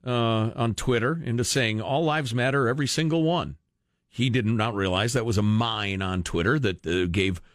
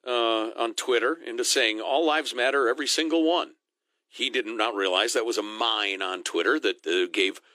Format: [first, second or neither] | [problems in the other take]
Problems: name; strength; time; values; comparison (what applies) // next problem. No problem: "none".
first | thin; very; fading below 300 Hz